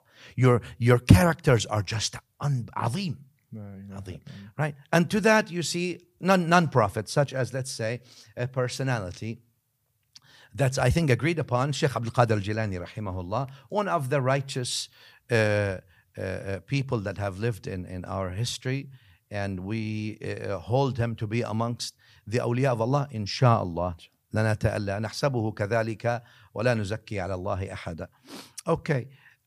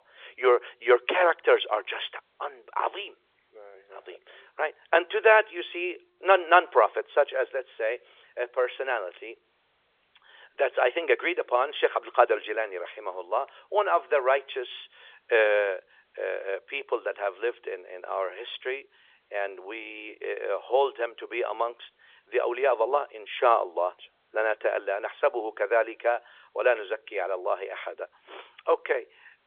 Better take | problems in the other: first | phone-call audio; nothing above 3.5 kHz

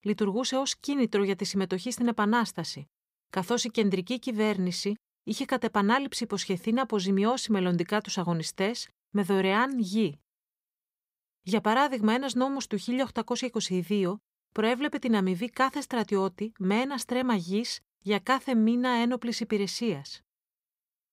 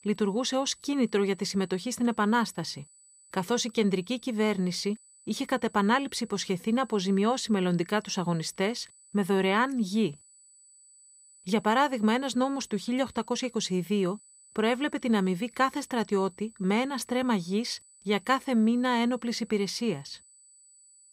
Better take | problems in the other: first | high-pitched whine; faint; throughout; 8 kHz, 25 dB below the speech

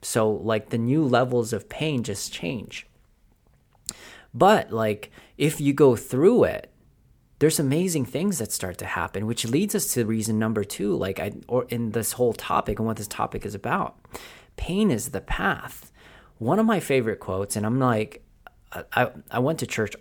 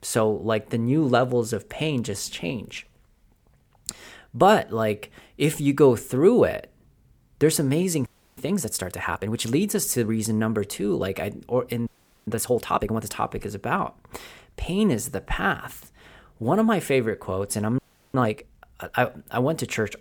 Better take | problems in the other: first | audio freezing; at 8 s, at 12 s and at 18 s

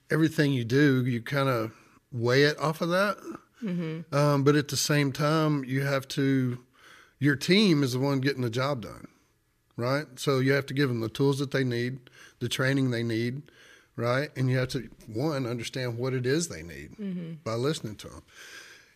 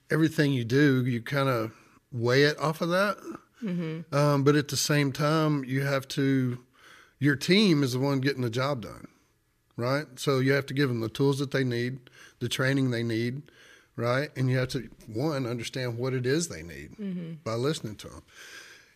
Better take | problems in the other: neither | none

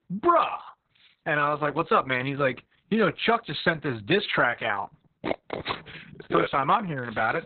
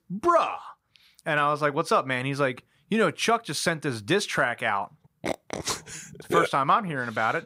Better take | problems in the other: second | garbled, watery; badly; nothing above 4 kHz

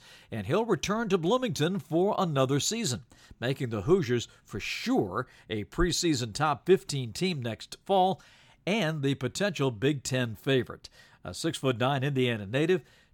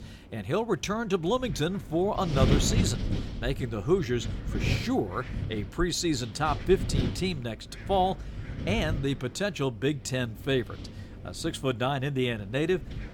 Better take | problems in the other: first | wind noise on the microphone; occasional gusts; 10 dB below the speech

